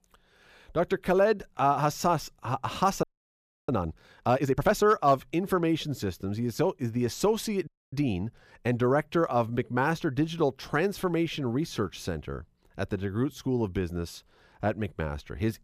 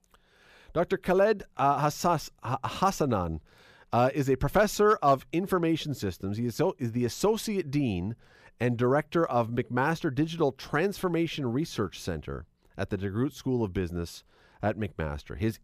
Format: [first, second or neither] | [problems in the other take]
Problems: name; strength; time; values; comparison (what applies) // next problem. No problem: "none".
second | audio freezing; at 3 s for 0.5 s and at 7.5 s